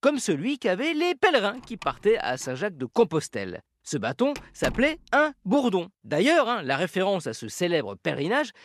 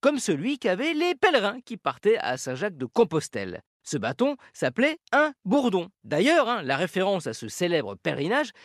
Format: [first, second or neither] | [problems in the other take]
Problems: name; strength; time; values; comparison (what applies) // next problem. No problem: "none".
second | door banging; noticeable; from 2 to 5 s; peak 9 dB below the speech